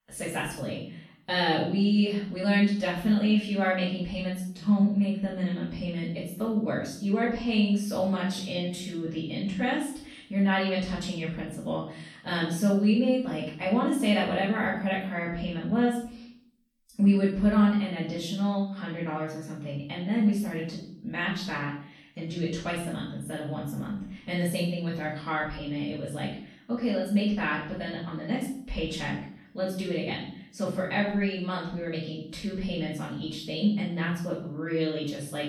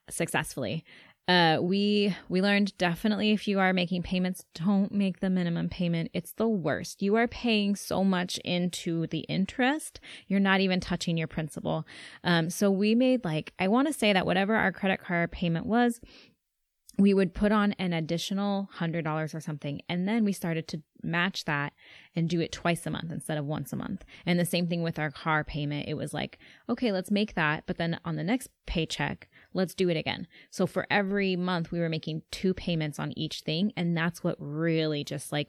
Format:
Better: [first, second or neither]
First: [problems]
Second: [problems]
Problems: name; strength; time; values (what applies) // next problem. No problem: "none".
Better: second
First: off-mic speech; far // room echo; noticeable; dies away in 0.5 s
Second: none